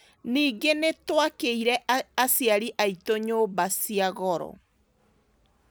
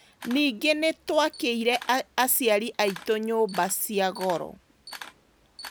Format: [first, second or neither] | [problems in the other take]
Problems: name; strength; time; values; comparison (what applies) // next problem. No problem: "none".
first | background sound (Camera); 19 dB below the speech